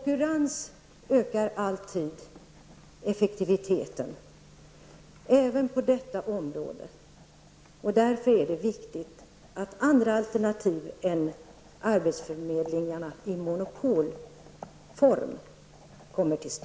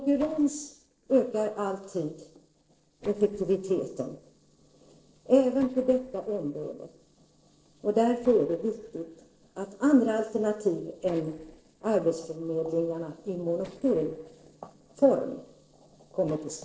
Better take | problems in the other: first | noise reduction (neural separator model SepFormer DNS4)

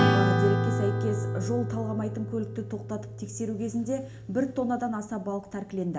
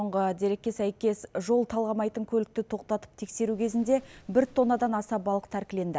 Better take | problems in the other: second | background sound (Acoustic guitar / Strum); 1 dB above the speech // room echo; dies away in 0.4 s

